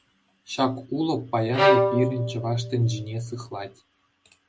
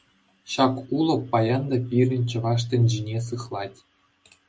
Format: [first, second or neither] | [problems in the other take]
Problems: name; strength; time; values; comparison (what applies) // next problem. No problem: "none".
second | background sound (Bowed string instrument); 2 dB above the speech